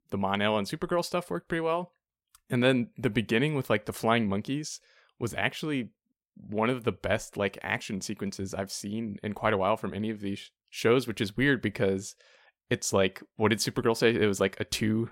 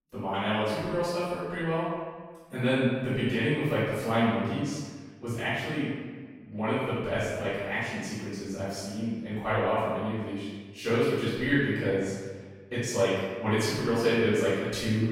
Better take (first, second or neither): first